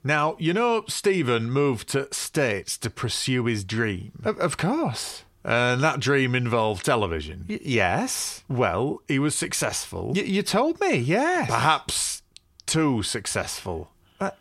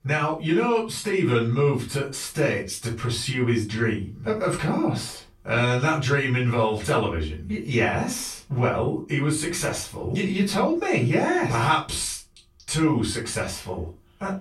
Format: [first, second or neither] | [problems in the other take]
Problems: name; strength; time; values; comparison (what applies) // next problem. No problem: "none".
first | off-mic speech; far // room echo; slight; dies away in 0.2 s